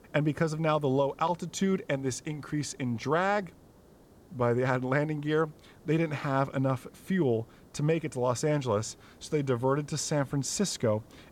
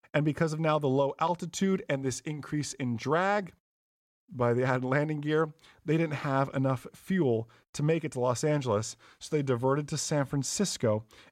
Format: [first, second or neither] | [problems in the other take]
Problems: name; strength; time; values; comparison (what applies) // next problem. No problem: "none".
second | hiss; faint; throughout; 25 dB below the speech